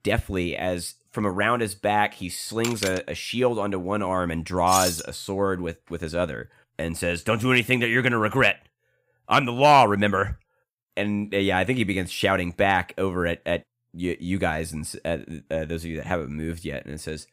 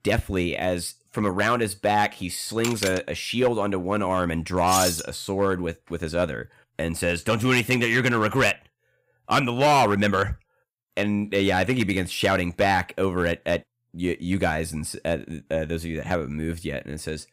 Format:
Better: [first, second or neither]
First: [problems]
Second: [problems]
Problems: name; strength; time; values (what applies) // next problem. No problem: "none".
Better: first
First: none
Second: distortion; slight; 3% of the sound clipped